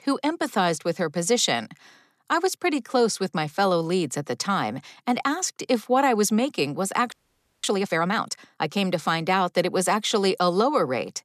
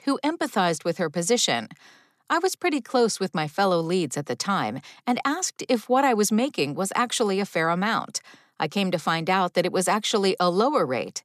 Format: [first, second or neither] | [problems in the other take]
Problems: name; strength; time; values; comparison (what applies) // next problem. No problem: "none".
second | audio freezing; at 7 s for 0.5 s